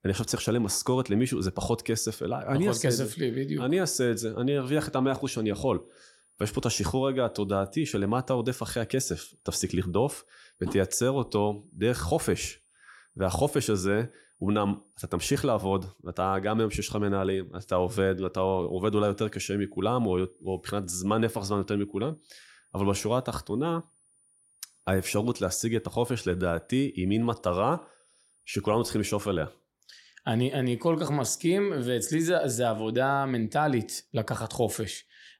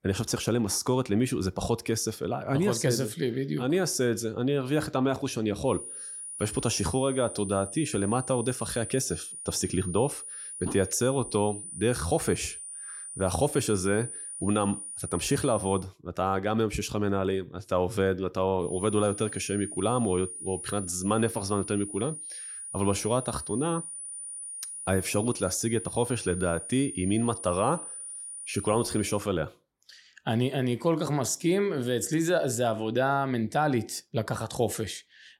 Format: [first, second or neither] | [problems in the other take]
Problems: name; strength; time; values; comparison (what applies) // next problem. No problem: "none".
first | high-pitched whine; loud; from 5.5 to 16 s and from 19 to 29 s; 9.5 kHz, 8 dB below the speech; faint in the first